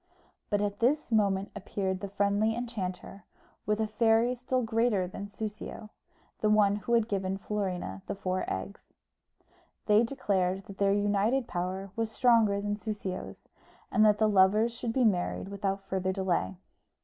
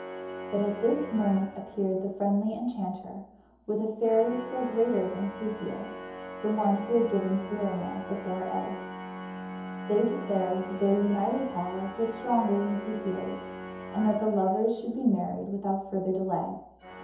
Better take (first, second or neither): first